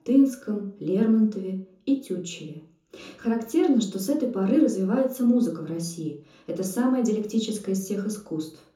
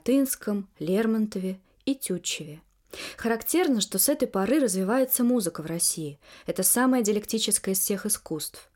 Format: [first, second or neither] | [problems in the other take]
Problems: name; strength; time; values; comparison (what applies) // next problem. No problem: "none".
second | room echo; slight; dies away in 0.5 s // off-mic speech; far